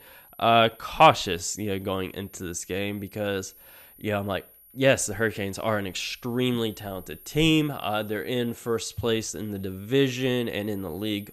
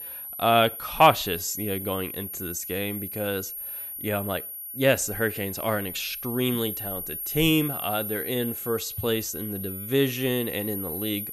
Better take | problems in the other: first | high-pitched whine; loud; throughout; 11.5 kHz, 6 dB below the speech; faint in the first

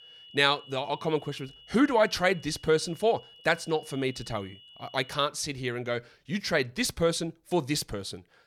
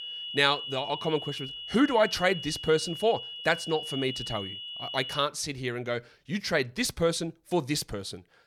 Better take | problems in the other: first | high-pitched whine; loud; until 5 s; 3 kHz, 8 dB below the speech; faint in the first

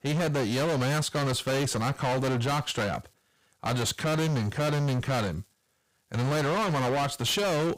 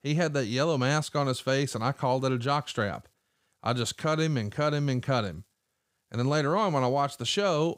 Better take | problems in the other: second | distortion; heavy; 37% of the sound clipped

